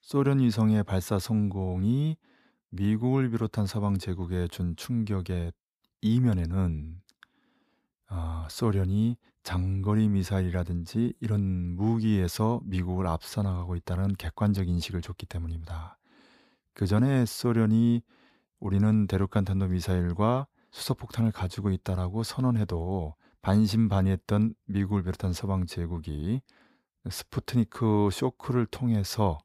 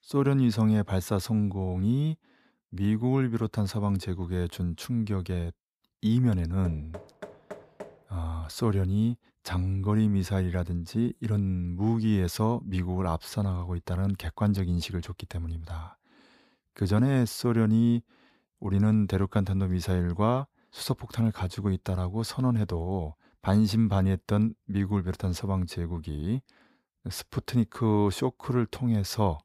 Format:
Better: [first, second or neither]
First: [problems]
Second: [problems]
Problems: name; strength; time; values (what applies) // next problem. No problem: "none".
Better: first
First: none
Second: door banging; faint; from 6.5 to 8 s; peak 15 dB below the speech